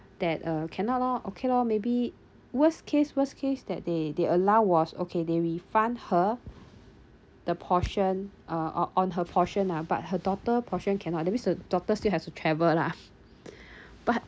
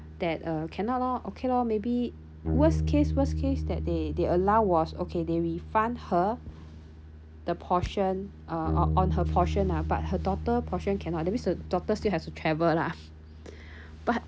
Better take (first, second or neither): first